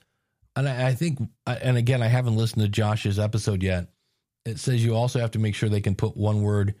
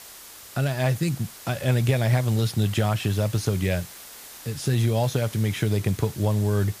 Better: first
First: none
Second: hiss; noticeable; throughout; 15 dB below the speech

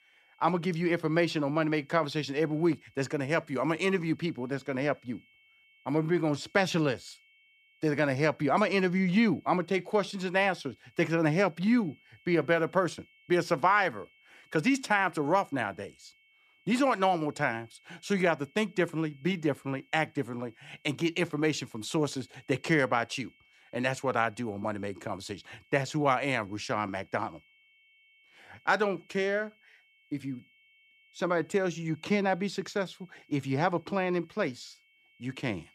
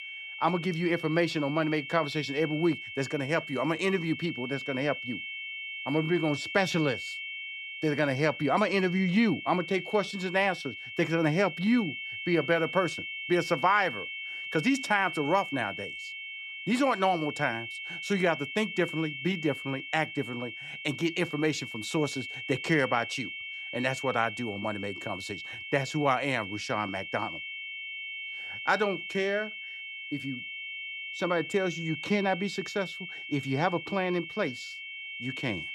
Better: first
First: high-pitched whine; faint; throughout; 2 kHz, 30 dB below the speech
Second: high-pitched whine; loud; throughout; 2 kHz, 7 dB below the speech

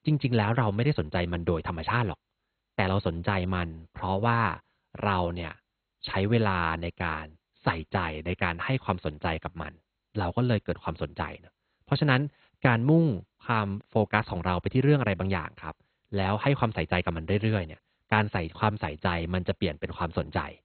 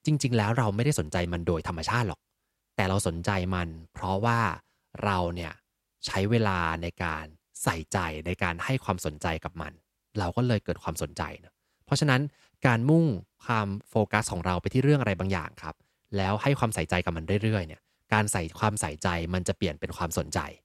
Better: second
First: garbled, watery; badly; nothing above 4 kHz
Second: none

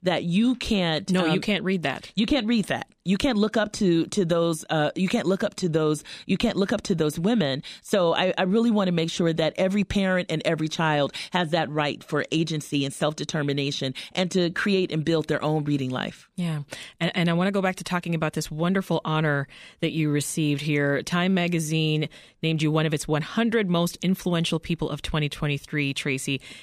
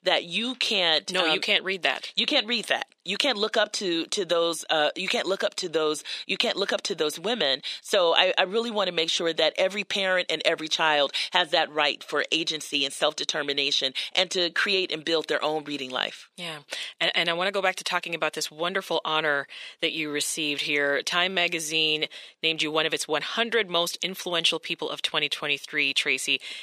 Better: first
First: none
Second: thin; very; fading below 500 Hz

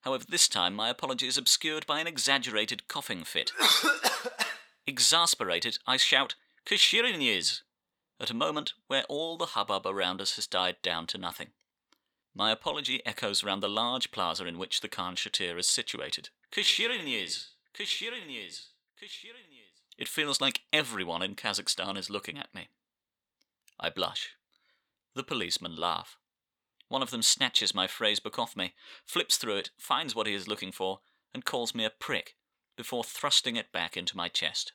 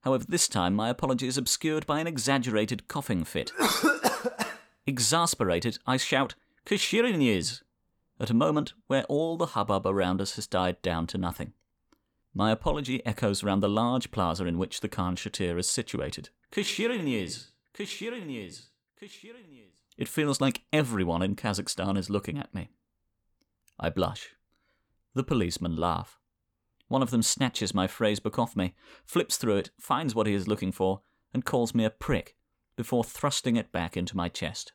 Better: second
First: thin; somewhat; fading below 800 Hz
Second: none

